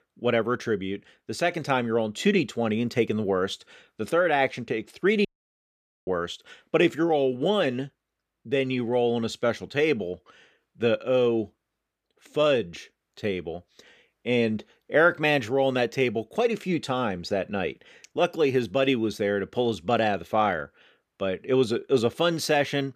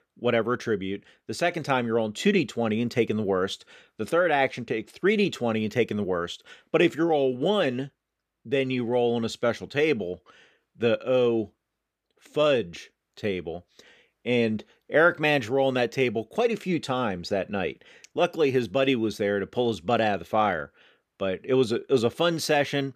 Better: second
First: audio cutting out; at 5.5 s for 1 s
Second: none

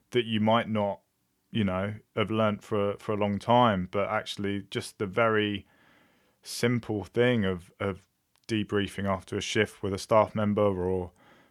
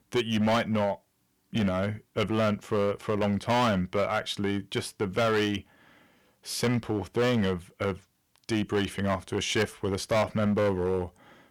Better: first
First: none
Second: distortion; heavy; 9% of the sound clipped

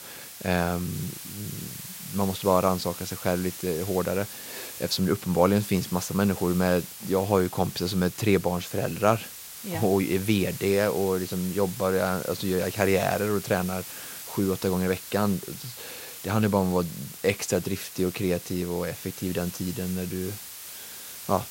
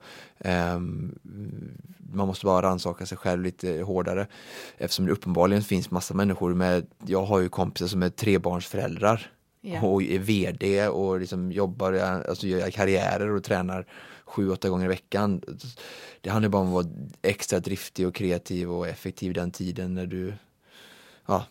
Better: second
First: hiss; noticeable; throughout; 10 dB below the speech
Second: none

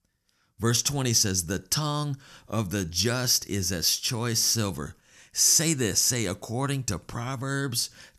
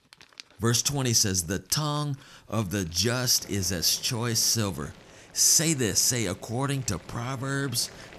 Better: first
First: none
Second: household noises; faint; throughout; 25 dB below the speech

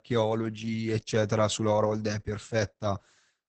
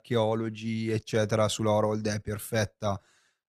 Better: second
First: garbled, watery; badly; nothing above 8 kHz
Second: garbled, watery; slightly; nothing above 14 kHz

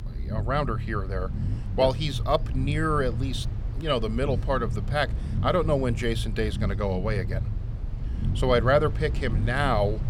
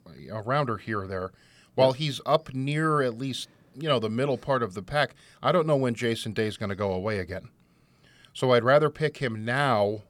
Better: second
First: low rumble; noticeable; throughout; 15 dB below the speech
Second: none

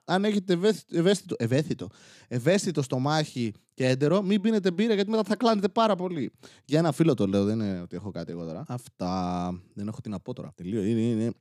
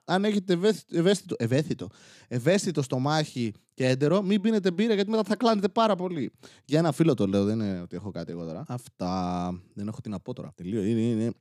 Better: neither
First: none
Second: none

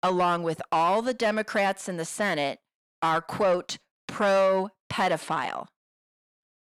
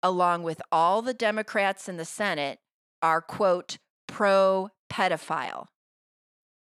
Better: second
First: distortion; slight; 10 dB below the speech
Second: none

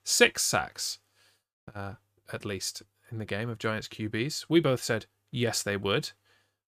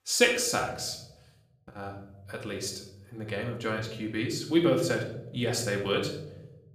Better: first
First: none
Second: room echo; slight; dies away in 0.7 s // off-mic speech; somewhat distant

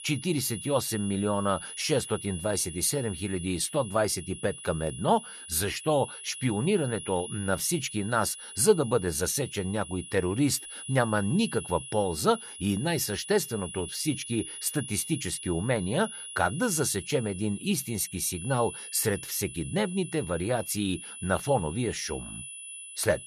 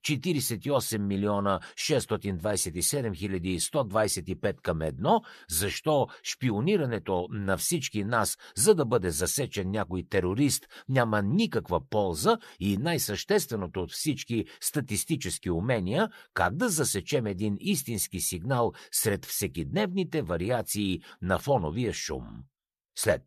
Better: second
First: high-pitched whine; noticeable; throughout; 10 kHz, 10 dB below the speech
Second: none

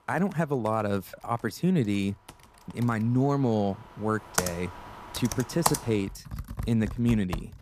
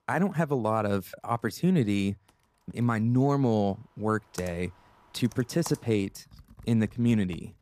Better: second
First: household noises; loud; throughout; 6 dB below the speech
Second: household noises; faint; throughout; 20 dB below the speech

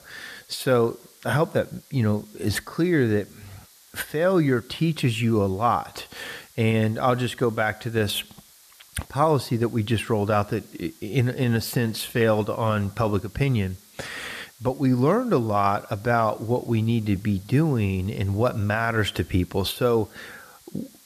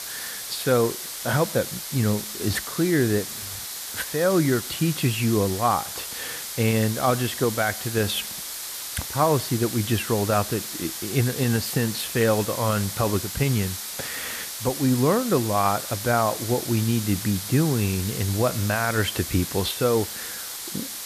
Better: first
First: hiss; faint; throughout; 25 dB below the speech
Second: hiss; loud; throughout; 6 dB below the speech

